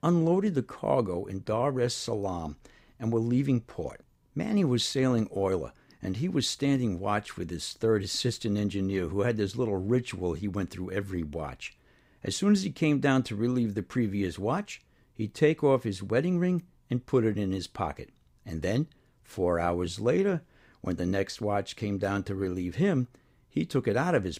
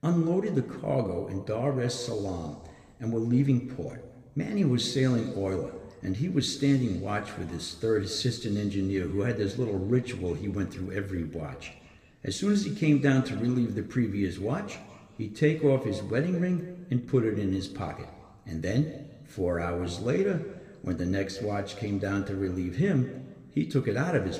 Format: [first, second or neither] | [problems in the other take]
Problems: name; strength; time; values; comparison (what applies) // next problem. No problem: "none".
first | room echo; slight; dies away in 1.5 s